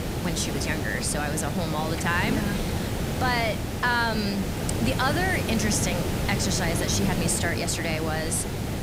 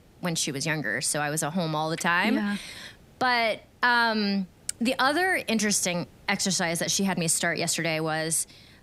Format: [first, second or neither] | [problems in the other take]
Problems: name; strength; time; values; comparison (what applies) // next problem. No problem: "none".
second | hiss; loud; throughout; 1 dB below the speech; faint in the second